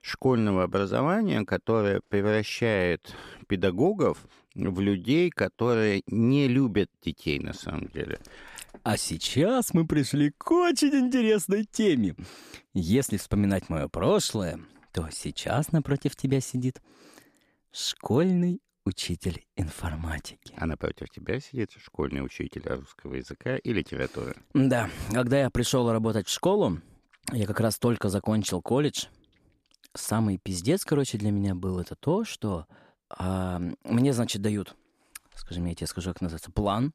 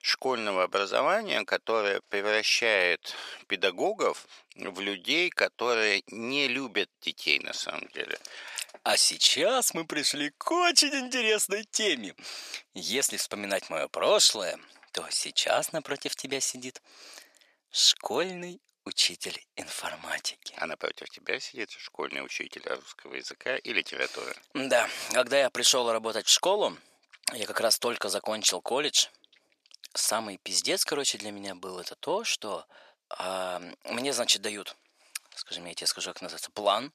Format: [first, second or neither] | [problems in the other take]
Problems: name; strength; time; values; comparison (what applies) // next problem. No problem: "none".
first | thin; very; fading below 600 Hz